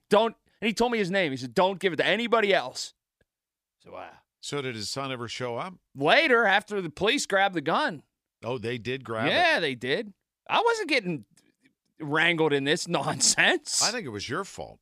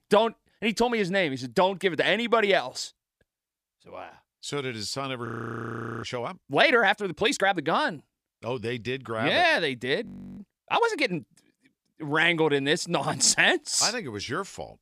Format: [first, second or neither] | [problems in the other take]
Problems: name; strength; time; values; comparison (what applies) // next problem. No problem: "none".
first | audio freezing; at 5.5 s for 1 s and at 10 s